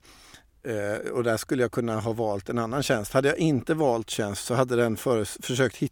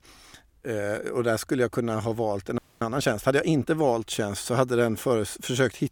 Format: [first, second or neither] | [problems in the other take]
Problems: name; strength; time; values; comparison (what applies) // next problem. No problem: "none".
first | audio freezing; at 2.5 s